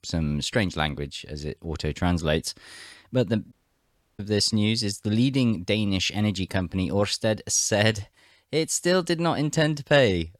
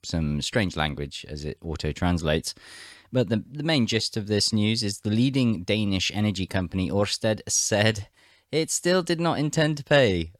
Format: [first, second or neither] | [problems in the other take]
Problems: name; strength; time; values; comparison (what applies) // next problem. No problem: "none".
second | audio cutting out; at 3.5 s for 0.5 s